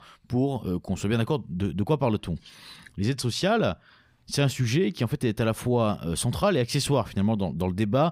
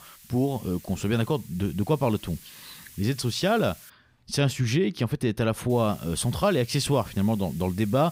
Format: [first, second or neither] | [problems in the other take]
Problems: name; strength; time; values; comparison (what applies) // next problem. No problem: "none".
first | hiss; faint; until 4 s and from 5.5 s on; 20 dB below the speech